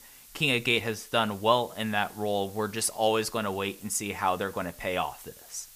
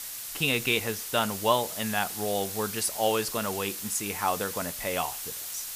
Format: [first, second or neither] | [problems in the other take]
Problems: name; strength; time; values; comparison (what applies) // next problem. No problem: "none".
first | hiss; loud; throughout; 5 dB below the speech; faint in the first